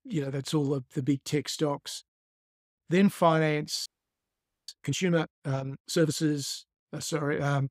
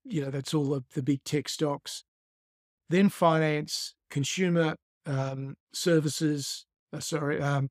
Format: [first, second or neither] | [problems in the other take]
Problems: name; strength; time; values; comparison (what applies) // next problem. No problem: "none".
second | audio freezing; at 4 s for 1 s